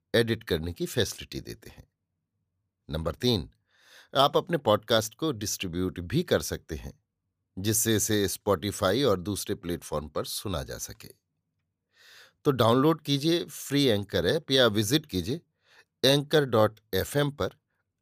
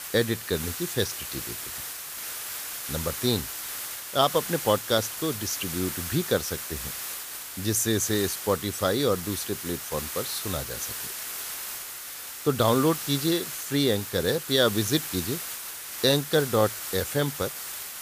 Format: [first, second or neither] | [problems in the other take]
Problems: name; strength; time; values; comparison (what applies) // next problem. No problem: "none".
first | hiss; loud; throughout; 6 dB below the speech